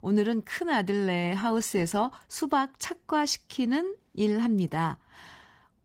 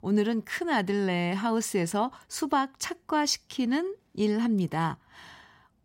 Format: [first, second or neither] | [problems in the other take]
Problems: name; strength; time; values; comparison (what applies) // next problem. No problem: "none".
second | garbled, watery; slightly; nothing above 16 kHz